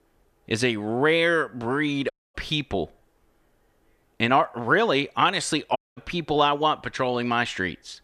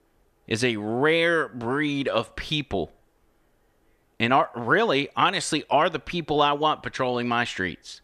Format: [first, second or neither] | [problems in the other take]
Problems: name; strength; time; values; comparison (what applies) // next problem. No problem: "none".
second | audio cutting out; at 2 s and at 6 s